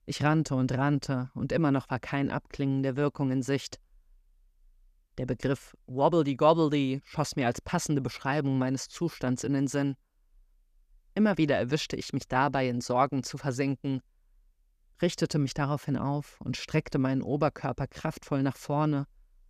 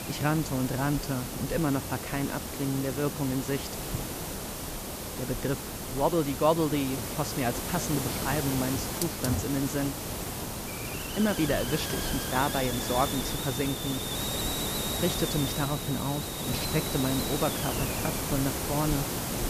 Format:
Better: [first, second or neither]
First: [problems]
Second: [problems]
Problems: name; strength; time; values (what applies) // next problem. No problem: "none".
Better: first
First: none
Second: hiss; loud; throughout; 1 dB below the speech